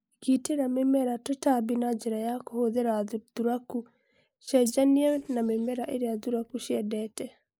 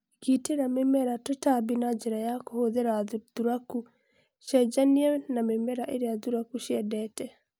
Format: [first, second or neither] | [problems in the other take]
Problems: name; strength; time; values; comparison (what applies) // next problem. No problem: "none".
second | noise reduction (neural mask model Resemble Enhance denoiser)